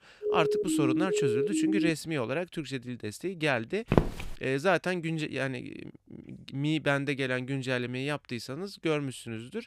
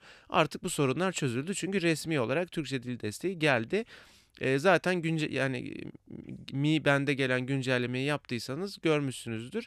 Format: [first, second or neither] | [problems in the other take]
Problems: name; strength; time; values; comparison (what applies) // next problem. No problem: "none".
second | siren; loud; until 2 s; peak 3 dB above the speech // footsteps; loud; at 4 s; peak 4 dB above the speech